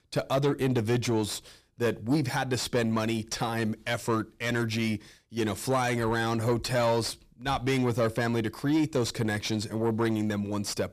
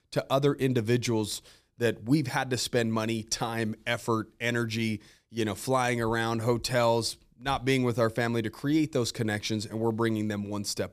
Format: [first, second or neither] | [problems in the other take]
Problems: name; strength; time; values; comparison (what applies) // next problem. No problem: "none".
second | distortion; slight; 10 dB below the speech